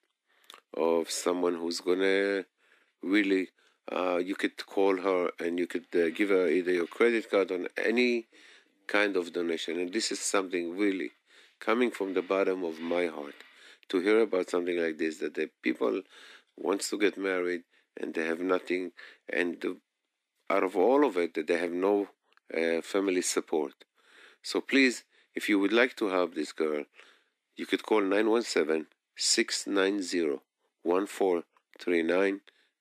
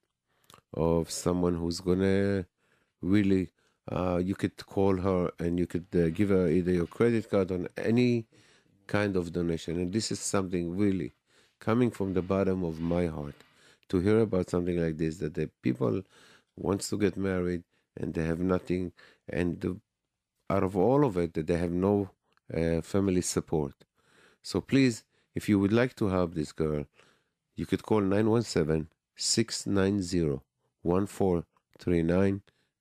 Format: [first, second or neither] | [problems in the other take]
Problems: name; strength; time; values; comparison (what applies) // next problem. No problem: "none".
second | thin; somewhat; fading below 250 Hz